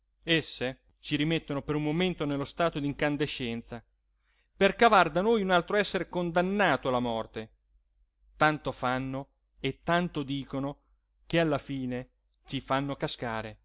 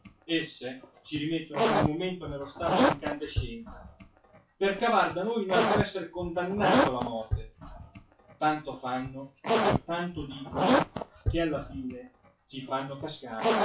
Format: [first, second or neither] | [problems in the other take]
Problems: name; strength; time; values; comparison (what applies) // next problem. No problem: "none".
first | noise reduction (classical method WPE with log-MMSE)